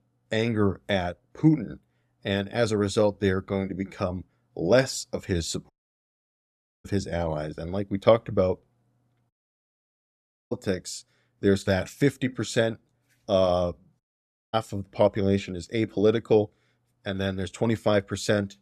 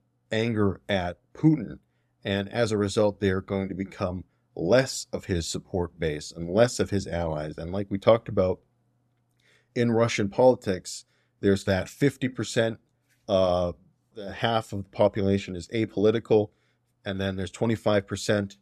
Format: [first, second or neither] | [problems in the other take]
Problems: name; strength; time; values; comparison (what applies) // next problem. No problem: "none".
second | audio cutting out; at 5.5 s for 1 s, at 9.5 s for 1 s and at 14 s for 0.5 s